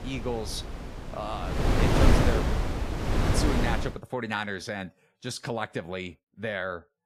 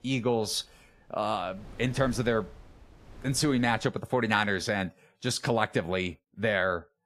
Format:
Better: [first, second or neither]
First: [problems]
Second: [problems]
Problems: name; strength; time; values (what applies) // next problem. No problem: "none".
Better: second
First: wind noise on the microphone; heavy; until 4 s; 3 dB above the speech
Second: wind noise on the microphone; occasional gusts; until 4 s; 25 dB below the speech